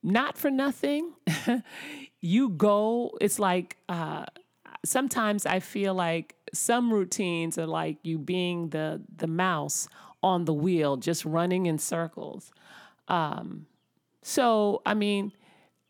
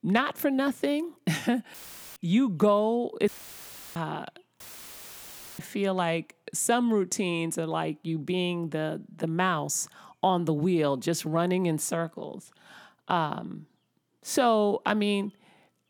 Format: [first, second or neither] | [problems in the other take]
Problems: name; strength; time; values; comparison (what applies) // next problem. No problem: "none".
first | audio cutting out; filled with static; at 1.5 s, at 3.5 s for 0.5 s and at 4.5 s for 1 s